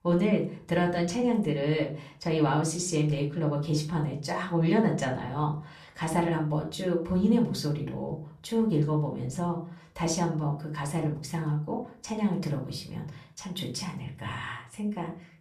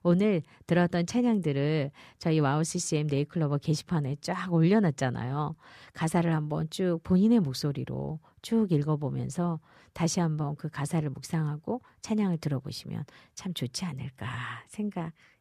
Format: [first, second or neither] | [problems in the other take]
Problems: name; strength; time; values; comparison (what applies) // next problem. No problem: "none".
second | off-mic speech; far // room echo; very slight; dies away in 0.3 s